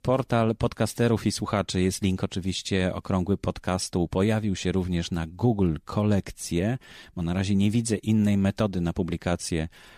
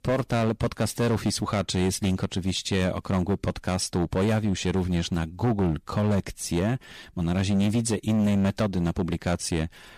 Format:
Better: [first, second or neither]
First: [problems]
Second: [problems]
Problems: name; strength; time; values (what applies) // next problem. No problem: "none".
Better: first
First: none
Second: distortion; slight; 11% of the sound clipped